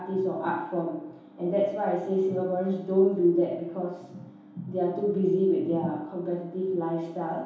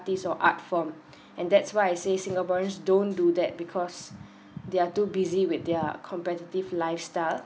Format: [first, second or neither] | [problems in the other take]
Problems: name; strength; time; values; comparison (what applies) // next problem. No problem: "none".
second | room echo; dies away in 0.8 s